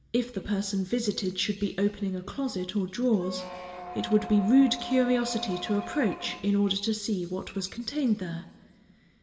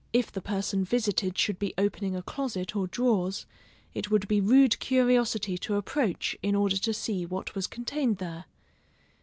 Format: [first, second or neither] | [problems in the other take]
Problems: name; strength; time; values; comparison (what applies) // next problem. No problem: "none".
second | background sound (Squeak); 11 dB below the speech // room echo; dies away in 1.4 s